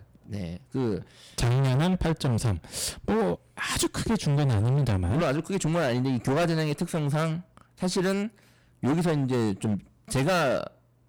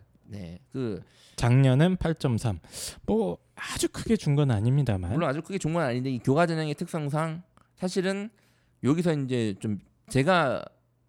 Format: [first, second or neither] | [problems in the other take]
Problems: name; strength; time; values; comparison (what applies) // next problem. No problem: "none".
second | distortion; heavy; 19% of the sound clipped